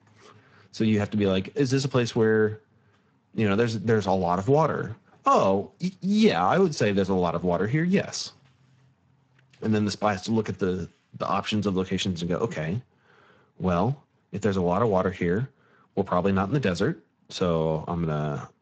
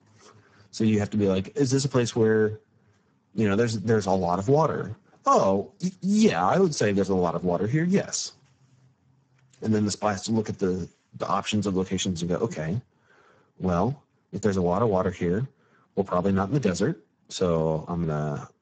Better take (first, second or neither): first